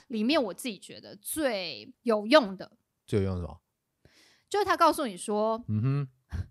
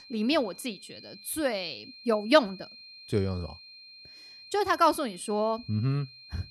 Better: first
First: none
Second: high-pitched whine; noticeable; throughout; 4 kHz, 20 dB below the speech

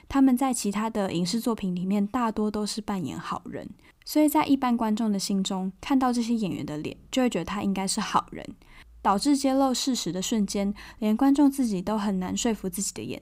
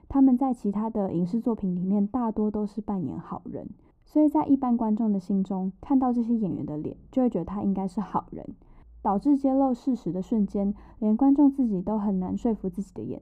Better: first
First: none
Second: muffled; very; fading above 1.5 kHz

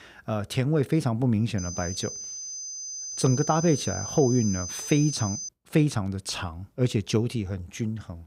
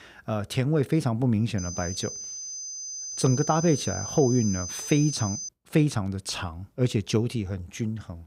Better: neither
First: high-pitched whine; loud; from 1.5 to 5.5 s; 6 kHz, 7 dB below the speech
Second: high-pitched whine; loud; from 1.5 to 5.5 s; 6 kHz, 7 dB below the speech

